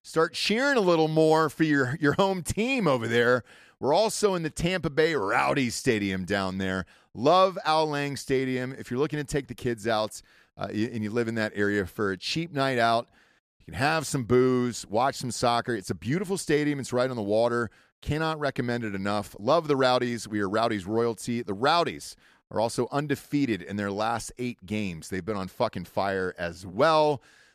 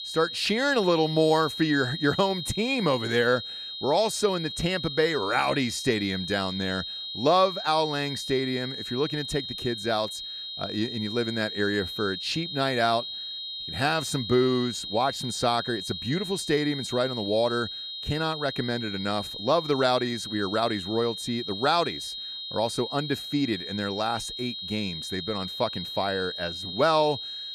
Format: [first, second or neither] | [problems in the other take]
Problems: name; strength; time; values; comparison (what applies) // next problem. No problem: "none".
first | high-pitched whine; loud; throughout; 4 kHz, 6 dB below the speech